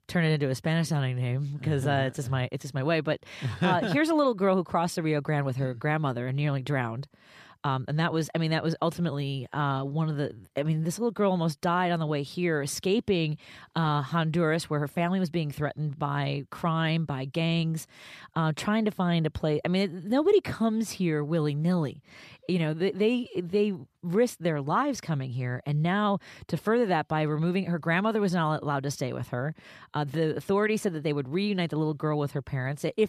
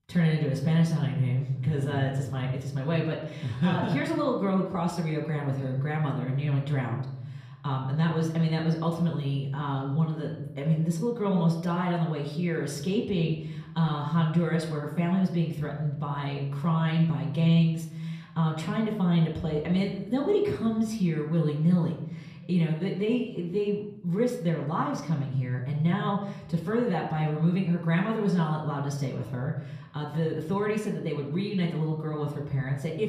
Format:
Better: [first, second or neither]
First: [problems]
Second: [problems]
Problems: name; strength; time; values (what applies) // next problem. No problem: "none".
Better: first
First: none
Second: off-mic speech; far // room echo; slight; dies away in 1 s